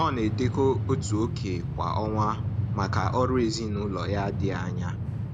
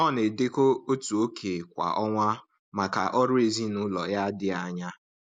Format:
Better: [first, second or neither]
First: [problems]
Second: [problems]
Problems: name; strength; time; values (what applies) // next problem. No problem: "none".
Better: second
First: background sound (Train); 1 dB below the speech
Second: none